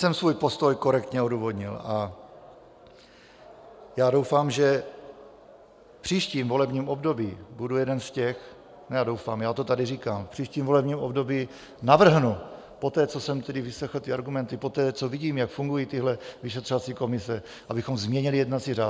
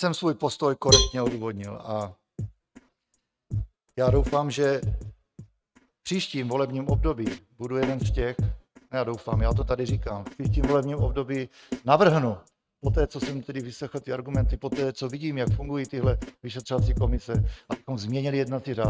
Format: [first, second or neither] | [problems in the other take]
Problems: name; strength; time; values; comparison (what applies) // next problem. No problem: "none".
first | noise reduction (neural mask model RNNoise)